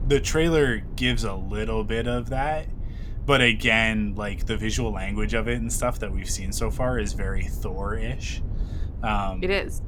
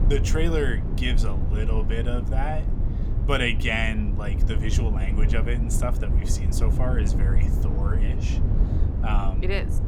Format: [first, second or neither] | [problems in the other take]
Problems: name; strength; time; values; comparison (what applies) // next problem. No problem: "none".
first | low rumble; loud; throughout; 9 dB below the speech; faint in the first